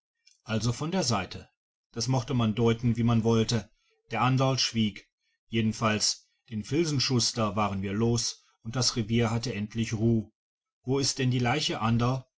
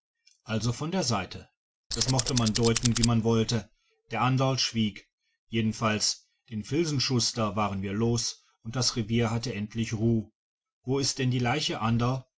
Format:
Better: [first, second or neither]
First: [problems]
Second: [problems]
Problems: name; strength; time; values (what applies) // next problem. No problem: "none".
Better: first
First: none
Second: background sound (Tools); 2 dB below the speech